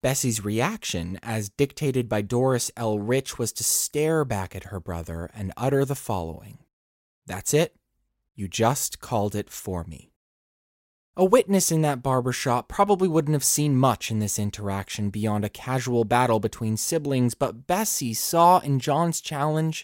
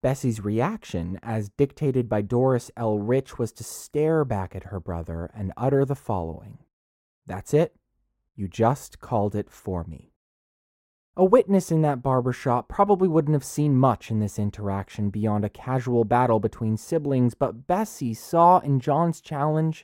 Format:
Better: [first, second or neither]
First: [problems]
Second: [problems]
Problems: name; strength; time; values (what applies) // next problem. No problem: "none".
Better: first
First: none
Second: muffled; very; fading above 2 kHz